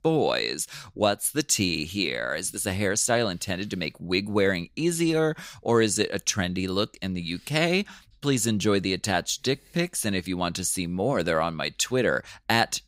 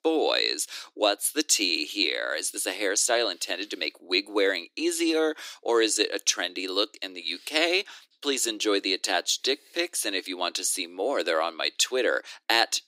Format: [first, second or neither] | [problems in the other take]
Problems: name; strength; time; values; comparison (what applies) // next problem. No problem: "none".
first | thin; somewhat; fading below 300 Hz